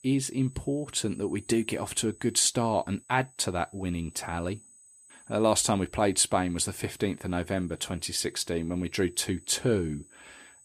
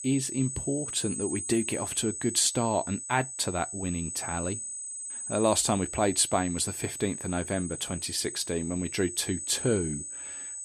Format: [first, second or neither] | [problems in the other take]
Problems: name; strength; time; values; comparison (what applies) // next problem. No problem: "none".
first | high-pitched whine; loud; throughout; 8 kHz, 6 dB below the speech; faint in the first